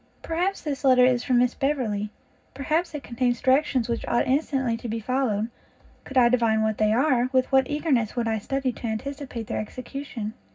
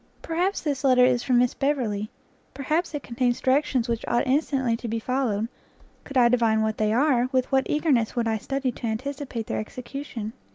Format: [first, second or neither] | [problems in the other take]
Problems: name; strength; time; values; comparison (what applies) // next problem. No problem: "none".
second | room echo; dies away in 0.4 s